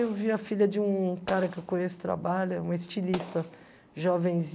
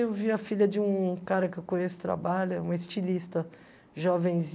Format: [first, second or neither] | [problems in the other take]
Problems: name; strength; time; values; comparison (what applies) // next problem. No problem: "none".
second | background sound (Explosion); 18 dB below the speech